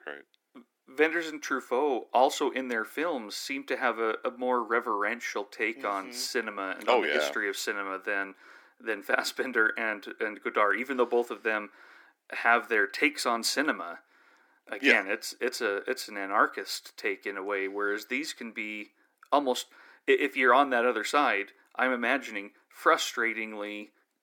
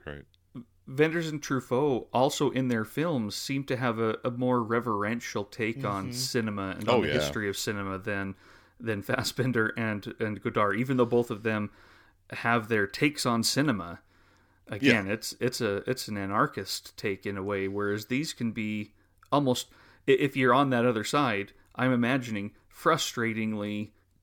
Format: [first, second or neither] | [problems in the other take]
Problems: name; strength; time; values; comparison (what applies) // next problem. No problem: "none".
second | thin; somewhat; fading below 300 Hz